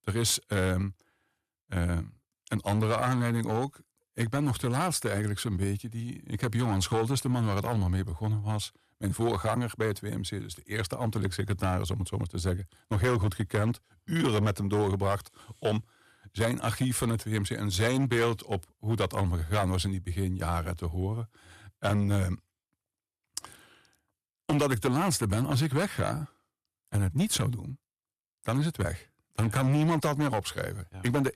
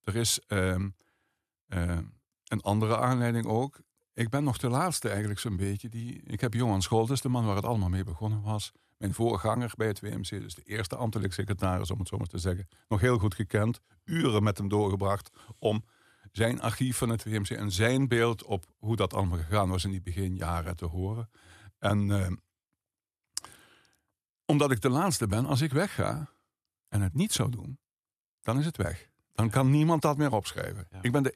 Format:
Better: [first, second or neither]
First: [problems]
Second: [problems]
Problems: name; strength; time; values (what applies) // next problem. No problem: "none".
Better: second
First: distortion; slight; 5% of the sound clipped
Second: none